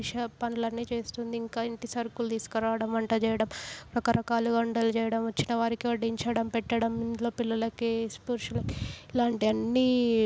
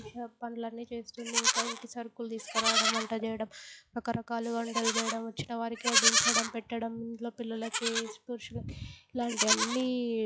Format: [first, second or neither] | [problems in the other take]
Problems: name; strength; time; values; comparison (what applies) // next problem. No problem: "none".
first | noise reduction (classical method log-MMSE)